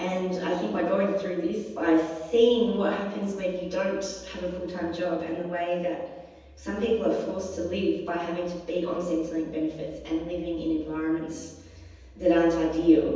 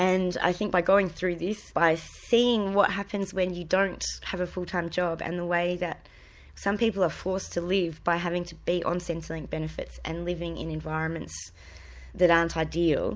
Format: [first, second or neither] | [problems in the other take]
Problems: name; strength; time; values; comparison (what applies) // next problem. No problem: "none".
second | room echo; dies away in 1.1 s